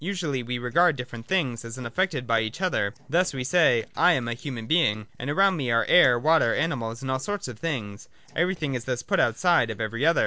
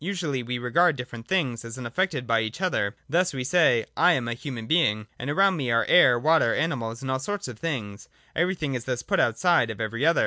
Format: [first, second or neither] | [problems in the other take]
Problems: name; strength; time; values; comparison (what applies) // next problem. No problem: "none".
second | noise reduction (neural separator model SepFormer DNS4)